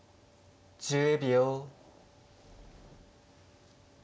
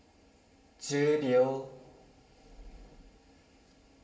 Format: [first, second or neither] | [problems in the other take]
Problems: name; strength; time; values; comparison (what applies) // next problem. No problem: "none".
first | room echo; dies away in 0.9 s